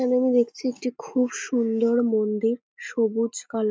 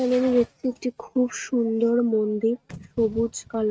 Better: first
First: none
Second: noise reduction (neural mask model RNNoise)

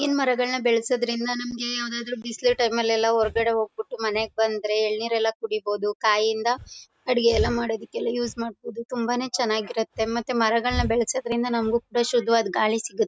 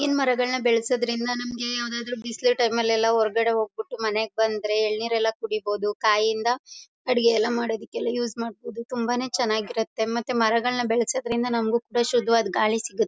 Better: second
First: noise reduction (neural mask model RNNoise)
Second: none

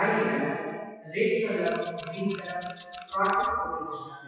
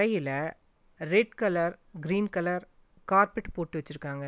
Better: second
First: noise reduction (classical method WPE with log-MMSE)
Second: none

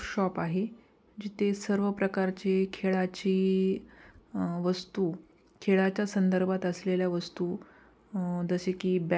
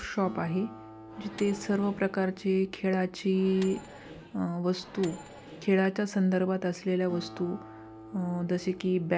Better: first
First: none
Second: background sound (Microwave oven + Acoustic guitar); 17 dB below the speech

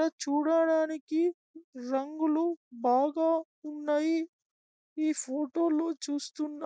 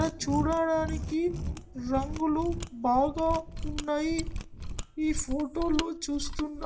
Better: first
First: none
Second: background sound (Mechanisms); 6 dB below the speech // room echo; dies away in 0.5 s

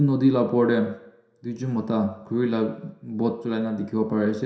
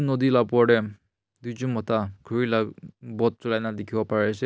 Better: second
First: room echo; dies away in 0.7 s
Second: none

